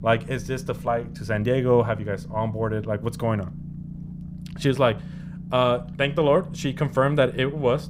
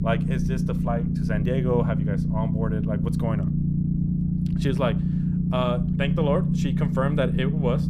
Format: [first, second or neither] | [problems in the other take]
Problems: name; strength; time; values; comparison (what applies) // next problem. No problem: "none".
first | low rumble; loud; throughout; 4 dB below the speech; faint in the first